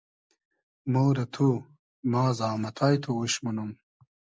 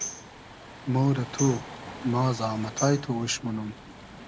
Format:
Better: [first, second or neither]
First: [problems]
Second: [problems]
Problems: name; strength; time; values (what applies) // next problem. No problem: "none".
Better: first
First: none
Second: background sound (Waves, surf + Tambourine); 12 dB below the speech